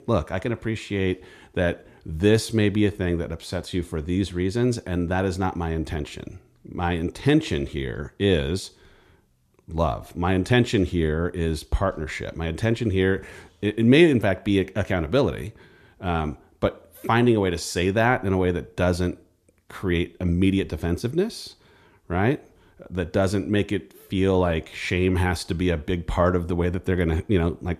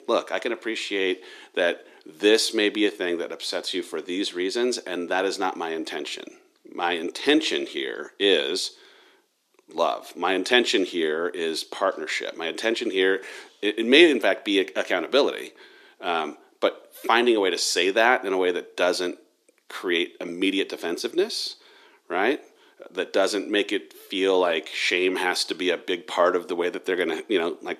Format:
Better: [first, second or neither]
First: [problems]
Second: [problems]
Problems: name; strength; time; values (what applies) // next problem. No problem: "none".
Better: first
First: none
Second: thin; somewhat; fading below 300 Hz